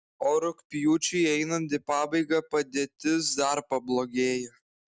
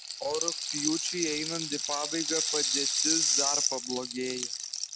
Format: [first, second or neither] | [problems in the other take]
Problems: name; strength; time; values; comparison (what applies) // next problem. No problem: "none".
first | background sound (Rattle (instrument)); 4 dB above the speech